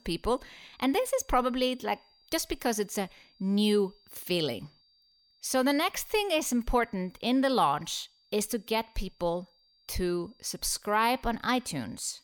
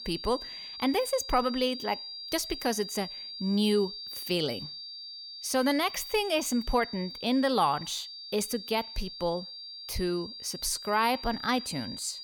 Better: first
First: high-pitched whine; faint; throughout; 4.5 kHz, 35 dB below the speech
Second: high-pitched whine; loud; throughout; 4.5 kHz, 9 dB below the speech

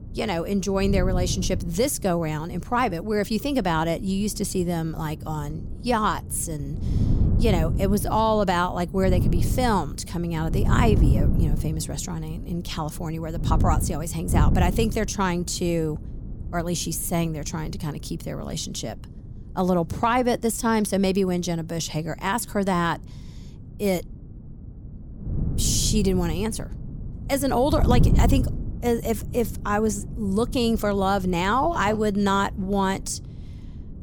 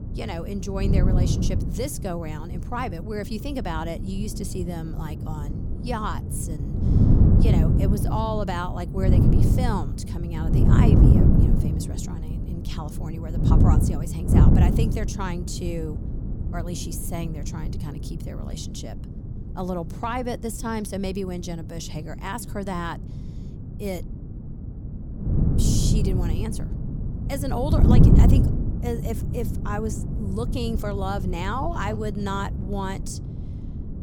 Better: first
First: wind noise on the microphone; occasional gusts; 15 dB below the speech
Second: wind noise on the microphone; heavy; 2 dB below the speech

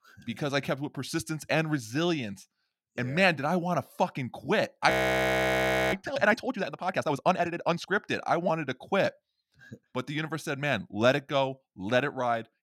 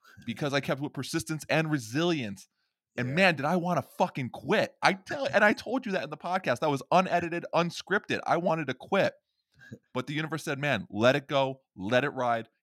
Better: second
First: audio freezing; at 5 s for 1 s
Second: none

